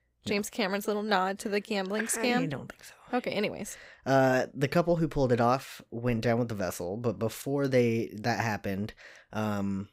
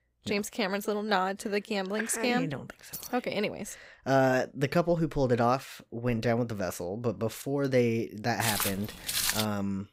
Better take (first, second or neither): first